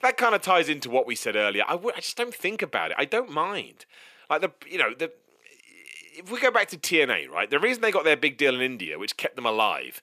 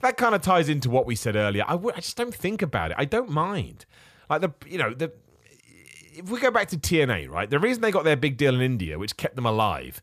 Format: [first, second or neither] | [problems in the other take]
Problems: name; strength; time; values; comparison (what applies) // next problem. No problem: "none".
second | thin; somewhat; fading below 300 Hz